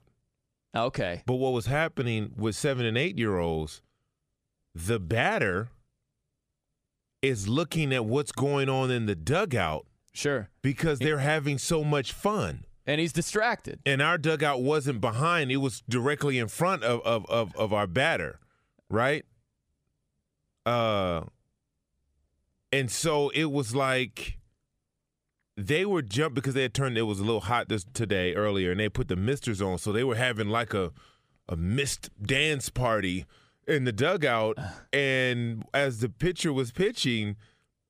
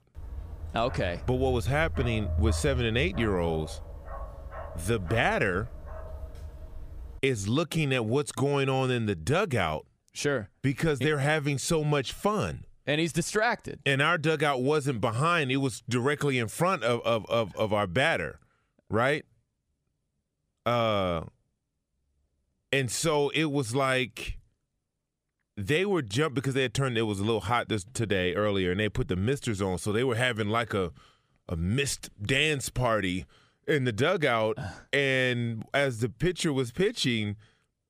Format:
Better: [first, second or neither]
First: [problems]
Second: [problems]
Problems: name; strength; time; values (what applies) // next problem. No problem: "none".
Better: first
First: none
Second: dog barking; noticeable; until 7 s; peak 2 dB below the speech